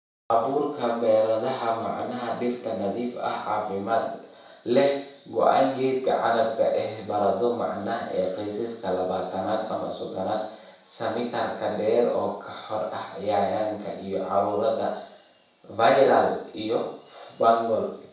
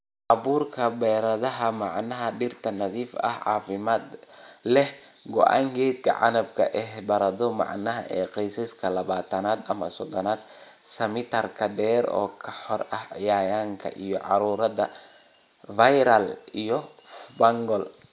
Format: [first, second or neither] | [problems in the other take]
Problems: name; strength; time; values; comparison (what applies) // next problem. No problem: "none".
second | room echo; dies away in 0.7 s